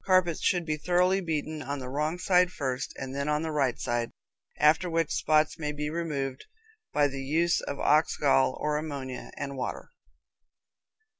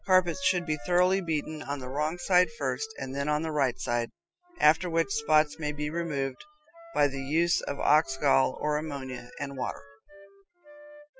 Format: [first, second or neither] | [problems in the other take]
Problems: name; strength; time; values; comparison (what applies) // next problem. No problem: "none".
first | noise reduction (classical method spectral subtraction)